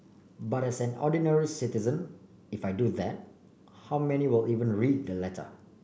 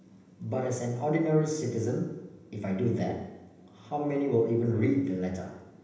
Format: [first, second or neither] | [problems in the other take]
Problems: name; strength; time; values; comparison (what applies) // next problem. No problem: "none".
first | room echo; dies away in 0.9 s